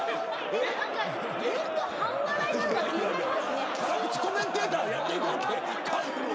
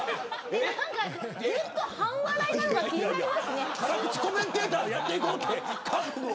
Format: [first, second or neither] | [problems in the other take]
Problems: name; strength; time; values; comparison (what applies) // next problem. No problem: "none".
second | background sound (Crowd); 2 dB below the speech